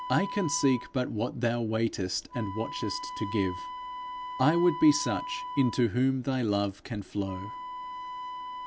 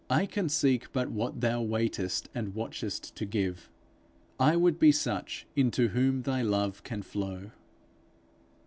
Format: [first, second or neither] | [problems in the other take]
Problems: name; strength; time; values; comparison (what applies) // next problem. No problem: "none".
second | background sound (Wind instrument, woodwind instrument); 10 dB below the speech